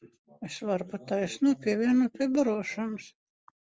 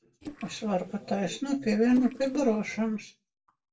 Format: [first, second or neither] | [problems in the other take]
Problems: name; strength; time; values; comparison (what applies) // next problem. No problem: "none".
first | noise reduction (neural separator model SepFormer DNS4)